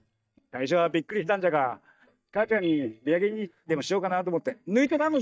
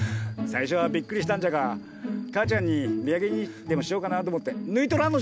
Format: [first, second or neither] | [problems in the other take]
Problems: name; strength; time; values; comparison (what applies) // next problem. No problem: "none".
second | noise reduction (neural mask model DeepFilterNet 3)